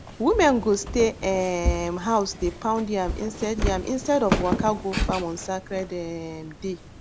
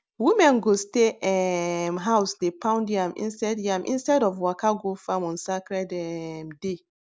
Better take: second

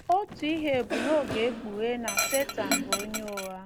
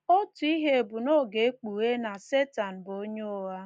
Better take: second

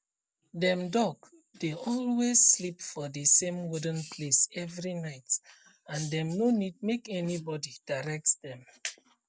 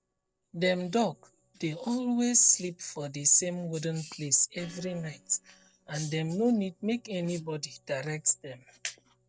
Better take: first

